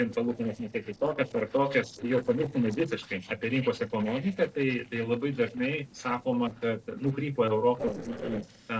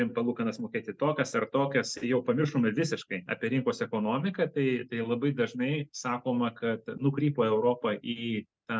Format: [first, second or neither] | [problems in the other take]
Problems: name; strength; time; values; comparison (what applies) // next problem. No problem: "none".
second | noise reduction (neural separator model SepFormer DNS4)